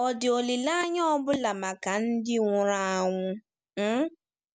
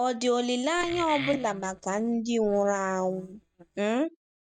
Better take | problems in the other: first | noise reduction (neural mask model DeepFilterNet 3)

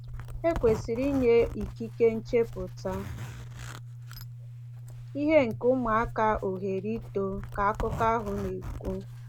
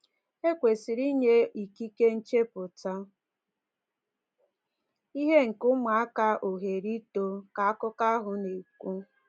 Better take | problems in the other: second | background sound (Zipper (clothing)); 9 dB below the speech

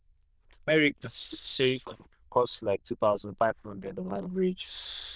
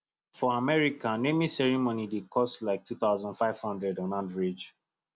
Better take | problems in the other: second | noise reduction (neural diffusion model UNIVERSE++)

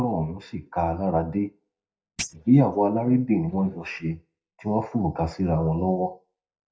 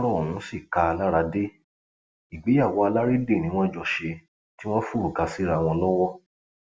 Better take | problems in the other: second | noise reduction (neural mask model DeepFilterNet 3)

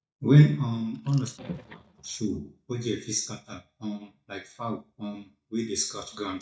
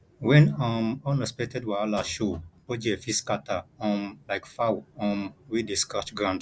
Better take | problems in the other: second | noise reduction (neural mask model DeepFilterNet 3)

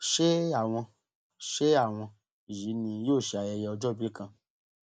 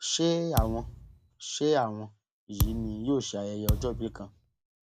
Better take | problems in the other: first | background sound (Thump, thud); 1 dB below the speech

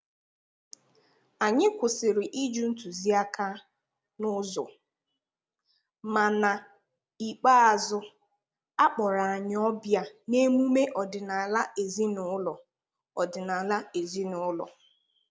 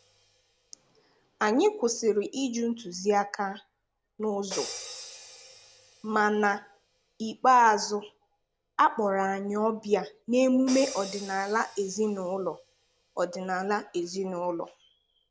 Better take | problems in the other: first | background sound (Crash cymbal); 19 dB below the speech

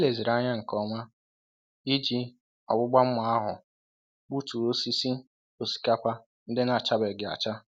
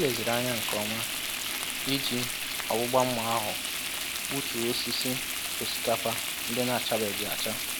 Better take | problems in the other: first | background sound (Frying (food)); as loud as the speech

